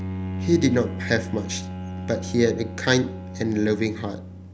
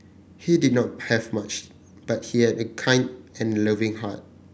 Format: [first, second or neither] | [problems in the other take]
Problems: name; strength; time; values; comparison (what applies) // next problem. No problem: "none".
second | background sound (Bowed string instrument); 8 dB below the speech